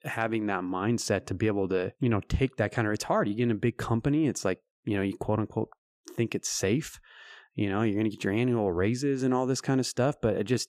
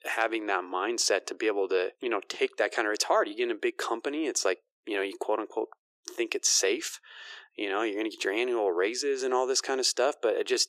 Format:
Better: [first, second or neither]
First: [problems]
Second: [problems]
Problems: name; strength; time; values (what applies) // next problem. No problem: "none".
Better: first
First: none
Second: thin; very; fading below 350 Hz